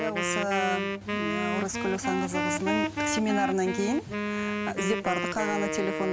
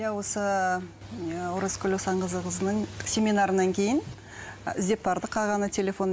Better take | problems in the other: second | background sound (Wind instrument, woodwind instrument); as loud as the speech

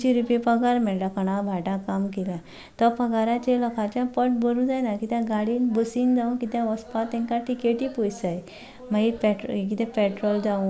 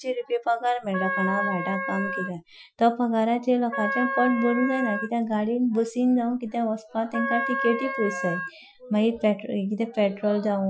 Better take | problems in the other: first | noise reduction (classical method Wiener filter)

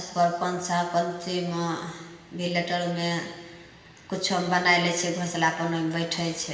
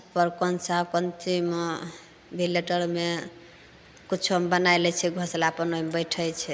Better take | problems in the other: second | room echo; dies away in 1.4 s

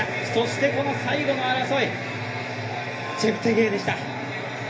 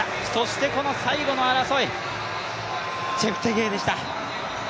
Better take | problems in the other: second | background sound (Bowed string instrument); 13 dB below the speech // room echo; dies away in 0.3 s

